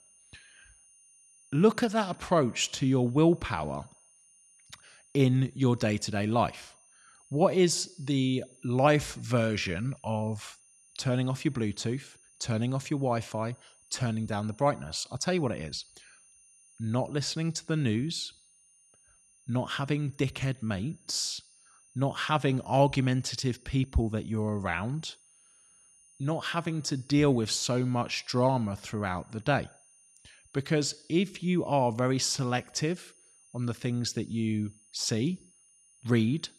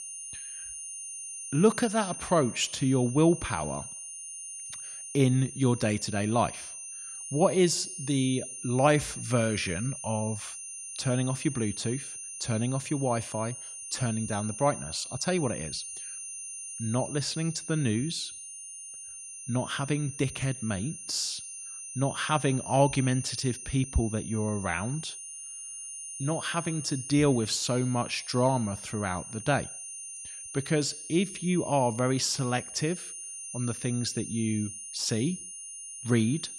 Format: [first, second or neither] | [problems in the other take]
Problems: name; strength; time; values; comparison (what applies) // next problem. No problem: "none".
first | high-pitched whine; loud; throughout; 9.5 kHz, 9 dB below the speech; faint in the first